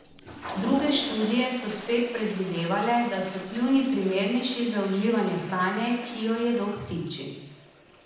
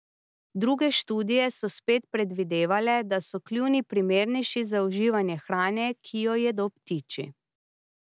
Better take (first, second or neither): second